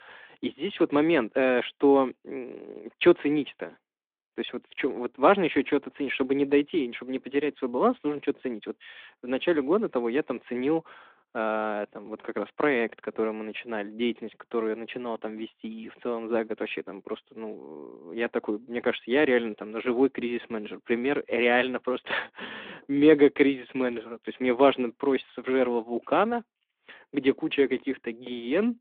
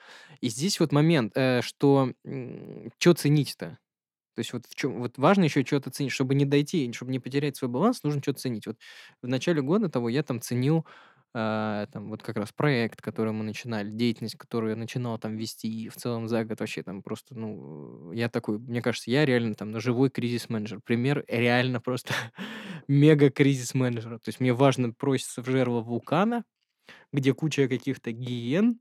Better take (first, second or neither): second